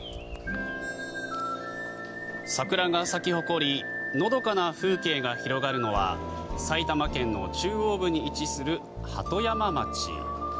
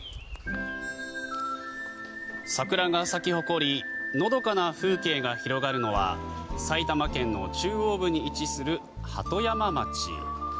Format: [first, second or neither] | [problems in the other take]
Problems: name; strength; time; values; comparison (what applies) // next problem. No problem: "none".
second | background sound (Wind instrument, woodwind instrument); 14 dB below the speech